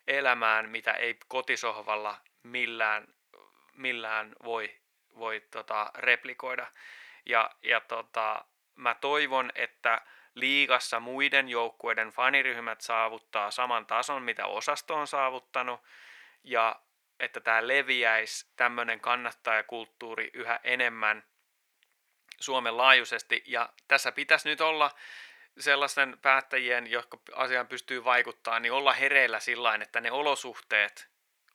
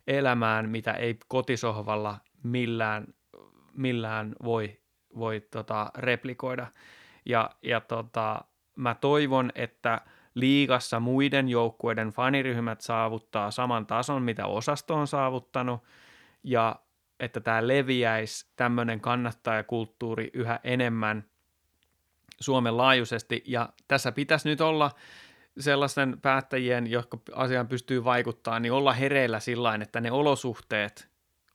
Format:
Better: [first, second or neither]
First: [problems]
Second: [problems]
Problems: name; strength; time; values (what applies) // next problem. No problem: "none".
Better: second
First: thin; very; fading below 650 Hz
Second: none